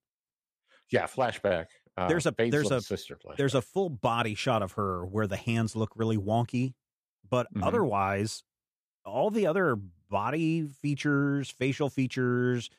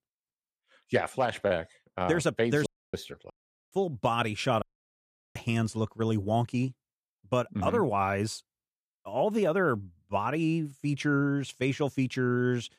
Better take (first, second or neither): first